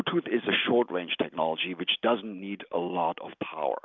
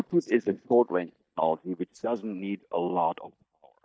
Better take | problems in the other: first | noise reduction (neural mask model DeepFilterNet 3)

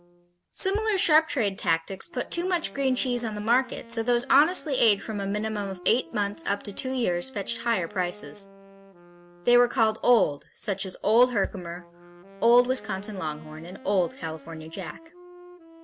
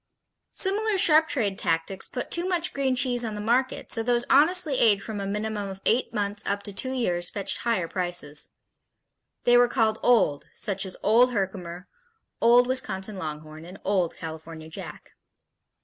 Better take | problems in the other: second | background sound (Bass drum + Wind instrument, woodwind instrument); 19 dB below the speech

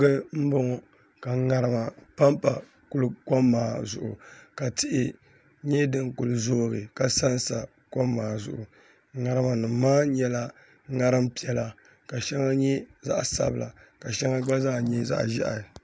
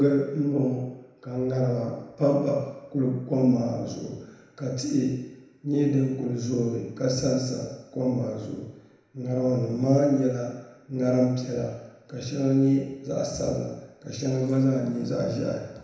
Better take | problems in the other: first | room echo; dies away in 1 s

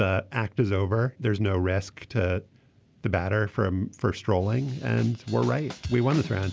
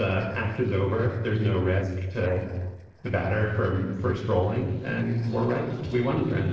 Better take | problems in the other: first | noise reduction (neural separator model SepFormer DNS4)

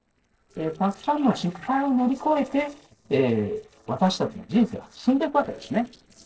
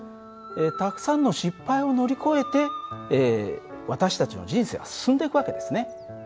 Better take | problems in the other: second | noise reduction (neural separator model SepFormer DNS4)

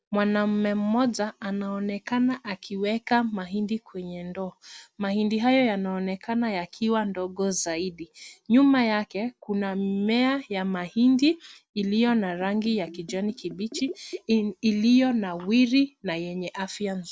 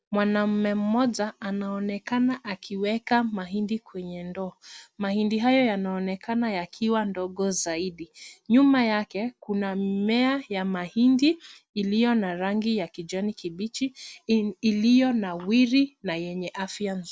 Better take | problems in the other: second | background sound (Bathtub (filling or washing)); 18 dB below the speech

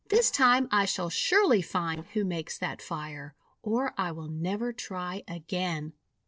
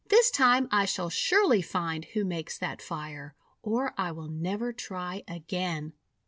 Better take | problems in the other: second | noise reduction (neural separator model SepFormer DNS4)

